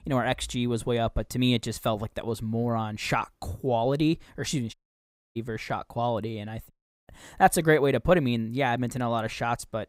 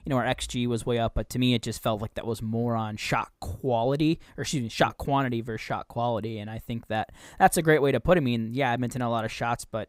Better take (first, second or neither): second